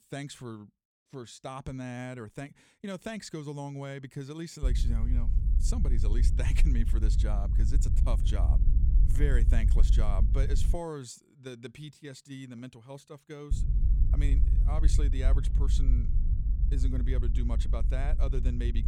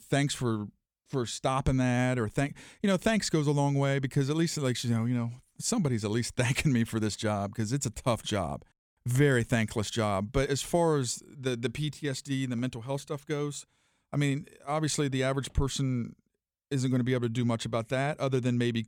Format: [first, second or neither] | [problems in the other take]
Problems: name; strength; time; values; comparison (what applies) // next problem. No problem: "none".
second | low rumble; loud; from 4.5 to 11 s and from 14 s on; 6 dB below the speech